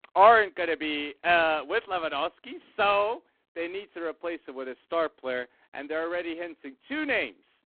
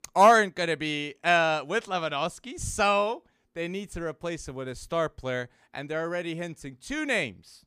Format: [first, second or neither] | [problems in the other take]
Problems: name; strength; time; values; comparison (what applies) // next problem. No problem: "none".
second | phone-call audio; poor line